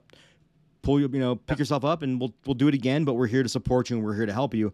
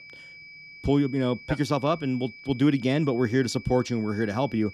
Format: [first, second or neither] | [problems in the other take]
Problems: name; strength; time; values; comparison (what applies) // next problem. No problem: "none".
first | high-pitched whine; noticeable; throughout; 2.5 kHz, 20 dB below the speech